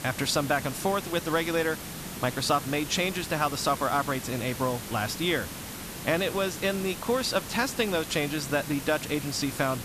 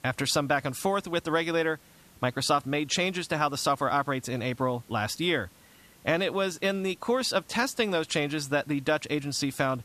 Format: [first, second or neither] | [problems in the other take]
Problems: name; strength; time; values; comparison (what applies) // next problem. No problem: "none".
second | hiss; loud; throughout; 9 dB below the speech; faint in the second